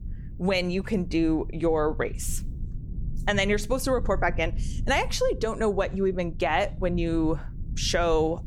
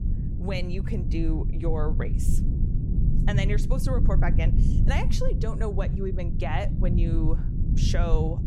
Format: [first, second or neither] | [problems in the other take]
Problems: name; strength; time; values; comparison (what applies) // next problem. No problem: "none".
first | low rumble; loud; throughout; 6 dB below the speech; faint in the first